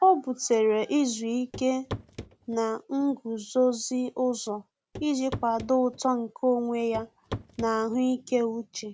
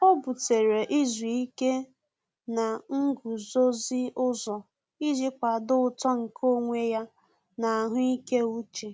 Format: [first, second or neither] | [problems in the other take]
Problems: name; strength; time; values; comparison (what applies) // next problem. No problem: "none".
second | background sound (Walk, footsteps / Run / Wood); 13 dB below the speech